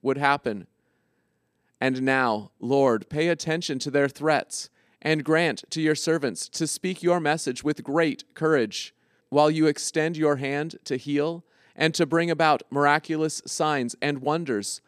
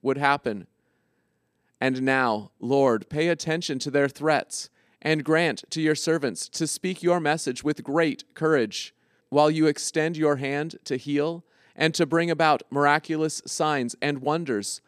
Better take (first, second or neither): neither